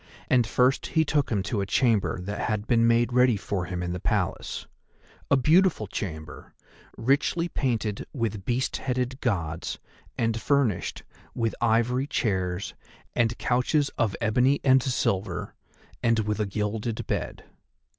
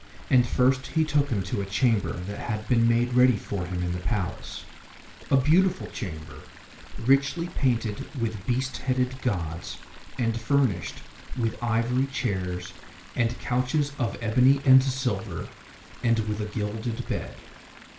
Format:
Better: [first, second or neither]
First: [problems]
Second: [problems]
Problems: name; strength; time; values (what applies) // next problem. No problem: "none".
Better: first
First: none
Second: background sound (Chatter / Stream); 16 dB below the speech // room echo; dies away in 0.4 s